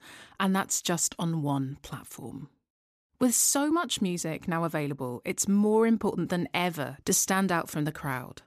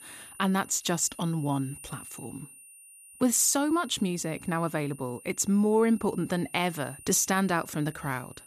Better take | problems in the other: first | high-pitched whine; noticeable; throughout; 9.5 kHz, 20 dB below the speech

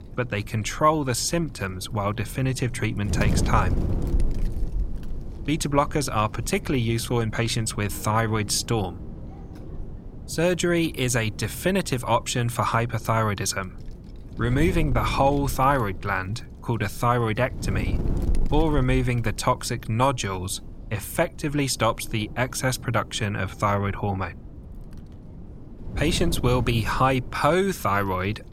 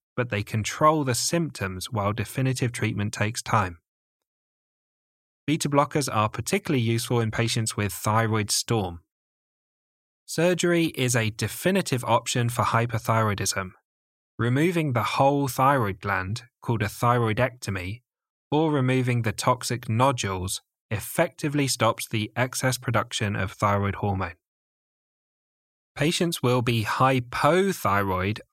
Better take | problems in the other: second | wind noise on the microphone; occasional gusts; 20 dB below the speech

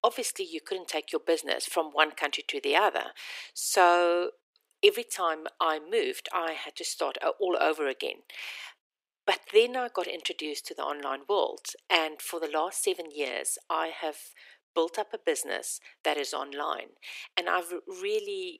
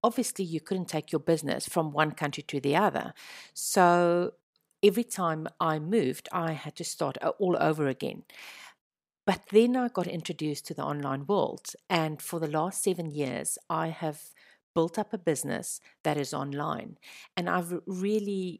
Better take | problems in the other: second | thin; very; fading below 350 Hz

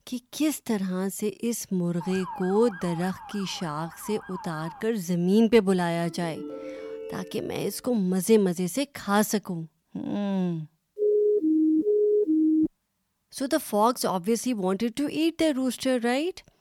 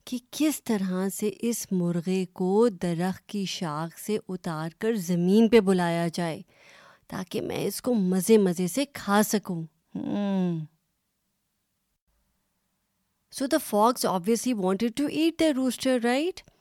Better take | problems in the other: second | siren; faint; from 2 to 5 s; peak 10 dB below the speech // phone ringing; faint; from 6 to 8 s; peak 10 dB below the speech // siren; loud; from 11 to 13 s; peak 4 dB above the speech

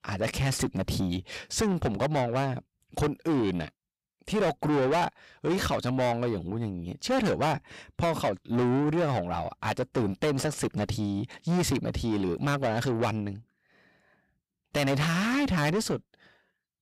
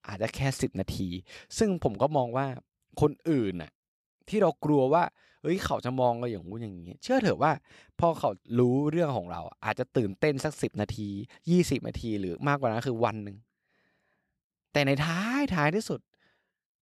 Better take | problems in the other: second | distortion; heavy; 6 dB below the speech

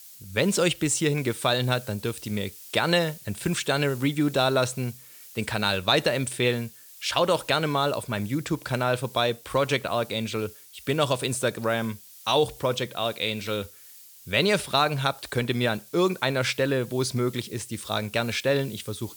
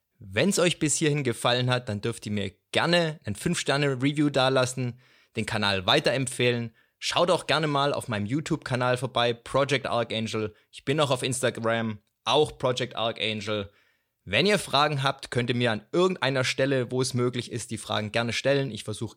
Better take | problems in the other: second | hiss; noticeable; throughout; 20 dB below the speech

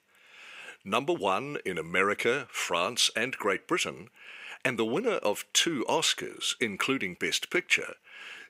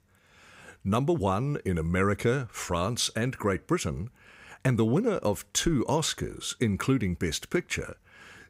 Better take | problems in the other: second | thin; somewhat; fading below 350 Hz

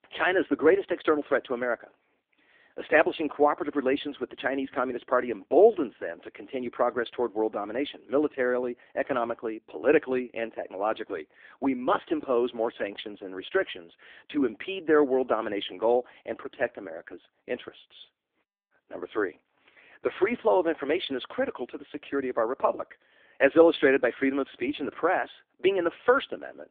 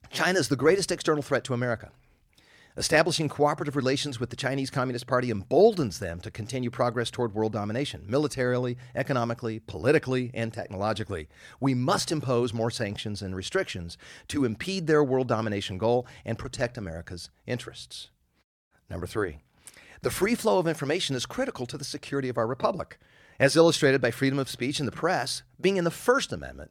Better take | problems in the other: second | phone-call audio; poor line

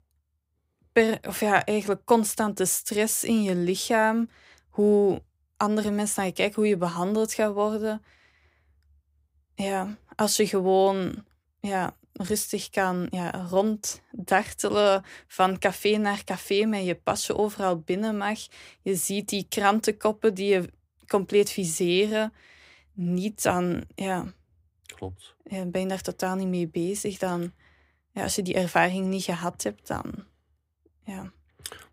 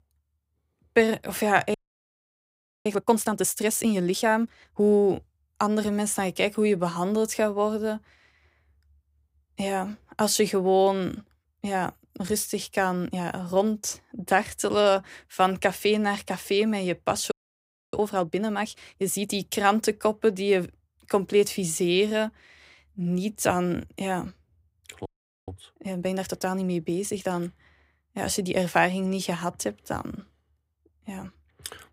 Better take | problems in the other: first | audio freezing; at 1.5 s for 1 s, at 17 s for 0.5 s and at 25 s

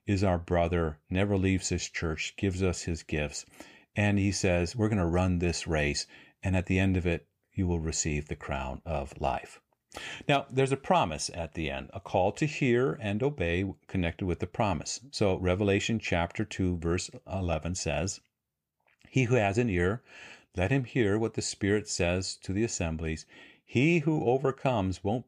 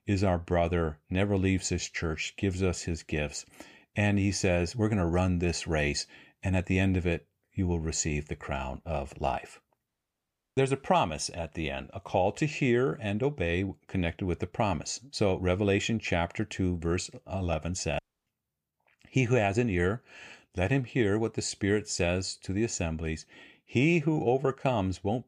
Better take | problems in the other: first | audio cutting out; at 10 s for 0.5 s and at 18 s

